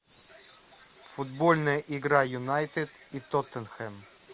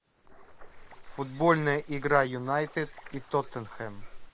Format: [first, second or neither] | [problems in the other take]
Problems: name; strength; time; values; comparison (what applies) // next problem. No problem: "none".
first | noise reduction (neural mask model Resemble Enhance denoiser)